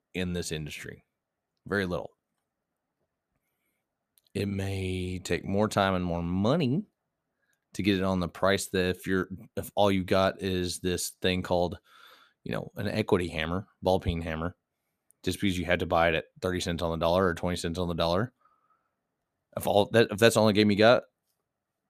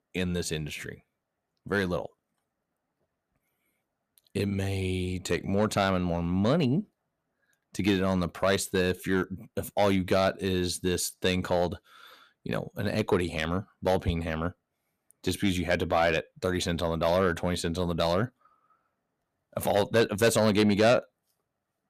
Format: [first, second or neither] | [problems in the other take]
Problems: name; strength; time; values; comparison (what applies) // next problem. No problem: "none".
first | distortion; slight; 10 dB below the speech